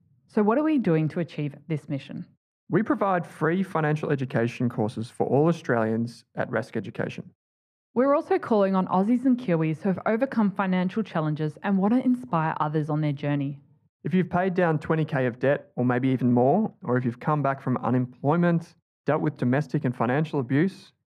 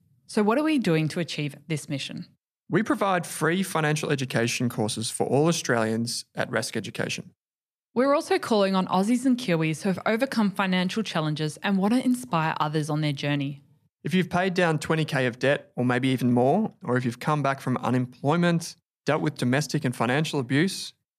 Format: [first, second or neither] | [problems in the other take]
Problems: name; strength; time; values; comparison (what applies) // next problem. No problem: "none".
second | muffled; very; fading above 2.5 kHz